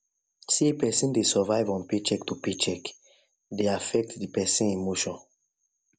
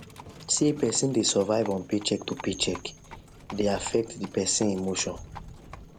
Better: first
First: none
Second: background sound (Livestock, farm animals, working animals); 16 dB below the speech

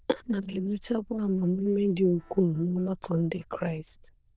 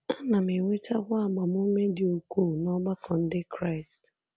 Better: second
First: noise reduction (neural diffusion model UNIVERSE++)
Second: none

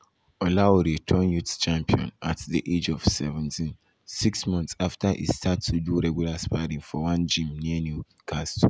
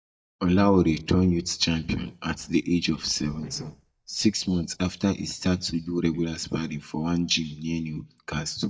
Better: first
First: none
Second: noise reduction (neural mask model DeepFilterNet 3)

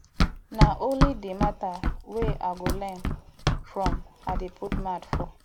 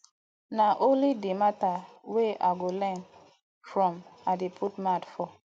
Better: second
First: background sound (Run); 5 dB above the speech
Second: none

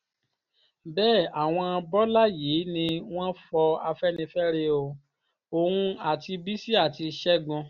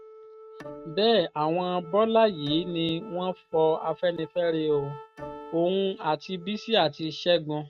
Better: first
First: none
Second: noise reduction (neural mask model RNNoise)

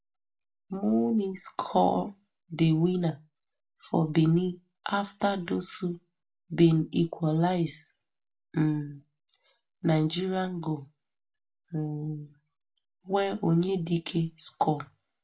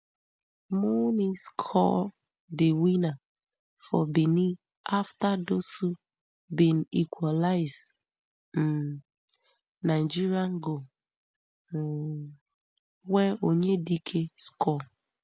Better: second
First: room echo; dies away in 0.2 s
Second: none

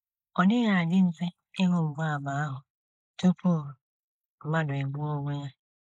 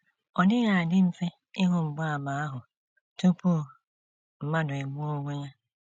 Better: second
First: noise reduction (neural mask model Resemble Enhance denoiser)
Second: none

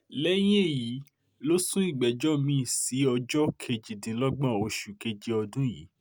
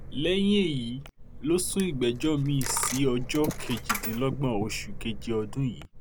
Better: first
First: none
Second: background sound (Coin (dropping)); 7 dB below the speech

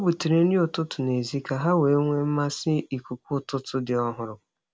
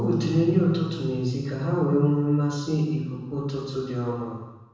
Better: first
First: none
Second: background sound (Piano); 13 dB below the speech // room echo; dies away in 1.1 s

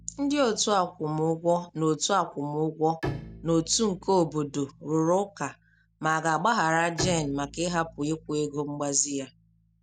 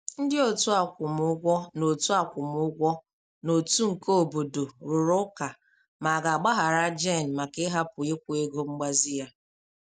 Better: second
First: background sound (Bowed string instrument); 16 dB below the speech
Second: none

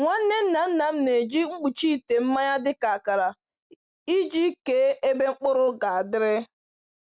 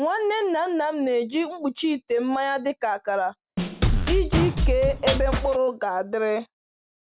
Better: first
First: none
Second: background sound (Drum kit); 2 dB above the speech

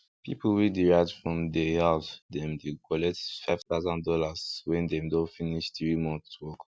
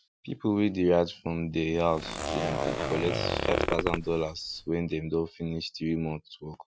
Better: first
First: none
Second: background sound (Zipper (clothing)); 2 dB below the speech

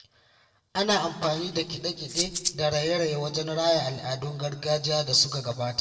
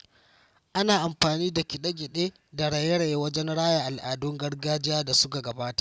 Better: second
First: noise reduction (neural separator model SepFormer DNS4)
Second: none

